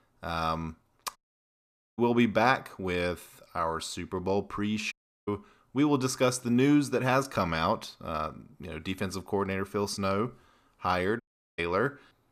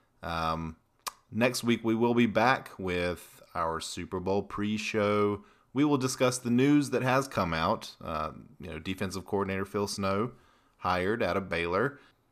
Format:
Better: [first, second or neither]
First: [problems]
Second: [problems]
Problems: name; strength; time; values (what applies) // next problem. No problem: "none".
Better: second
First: audio cutting out; at 1 s for 1 s, at 5 s and at 11 s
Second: none